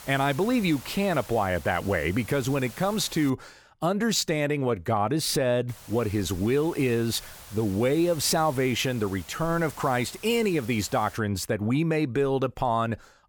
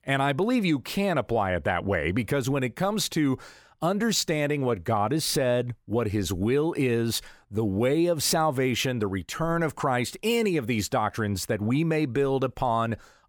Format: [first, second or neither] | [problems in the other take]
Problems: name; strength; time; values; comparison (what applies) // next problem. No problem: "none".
second | hiss; noticeable; until 3.5 s and from 5.5 to 11 s; 20 dB below the speech